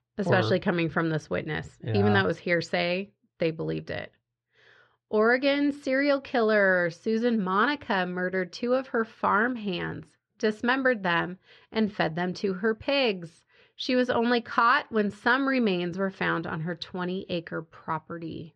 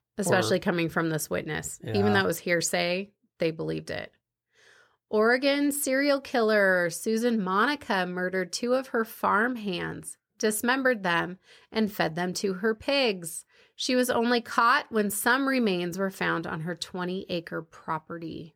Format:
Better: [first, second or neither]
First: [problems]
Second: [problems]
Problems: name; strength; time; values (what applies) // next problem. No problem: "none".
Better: second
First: muffled; very slightly; fading above 4 kHz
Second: none